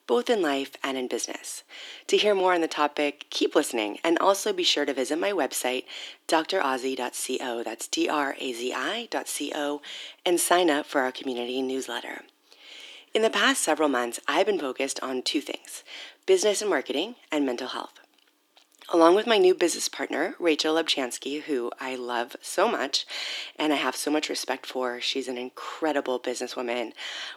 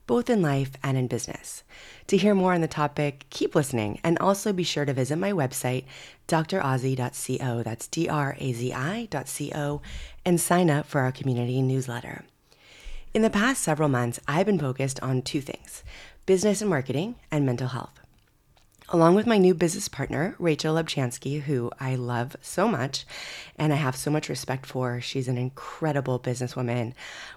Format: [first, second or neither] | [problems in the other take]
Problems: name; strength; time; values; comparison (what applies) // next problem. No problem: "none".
second | thin; somewhat; fading below 300 Hz